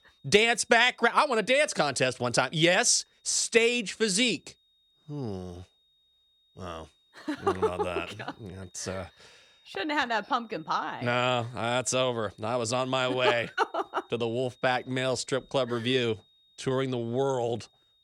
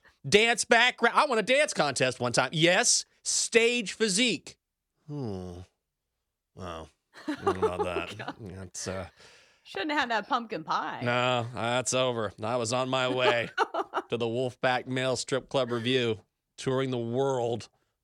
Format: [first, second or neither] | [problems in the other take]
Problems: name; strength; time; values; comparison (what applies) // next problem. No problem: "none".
second | high-pitched whine; faint; throughout; 3.5 kHz, 35 dB below the speech